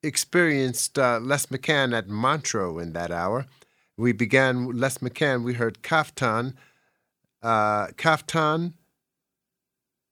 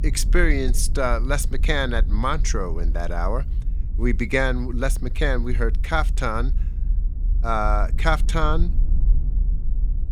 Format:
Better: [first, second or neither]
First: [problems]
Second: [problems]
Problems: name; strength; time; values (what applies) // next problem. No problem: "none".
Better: first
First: none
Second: low rumble; faint; throughout; 20 dB below the speech